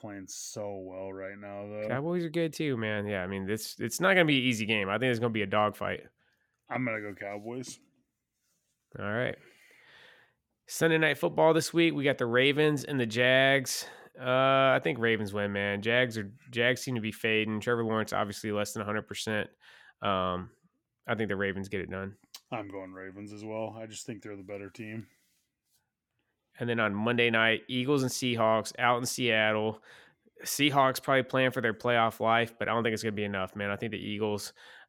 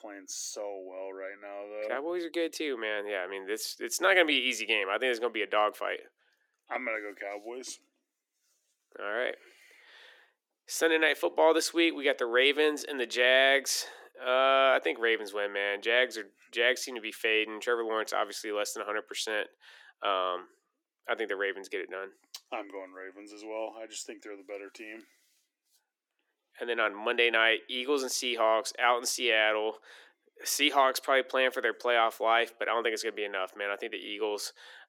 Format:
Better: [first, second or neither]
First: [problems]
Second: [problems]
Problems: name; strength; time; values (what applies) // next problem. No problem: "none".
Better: first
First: none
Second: thin; somewhat; fading below 300 Hz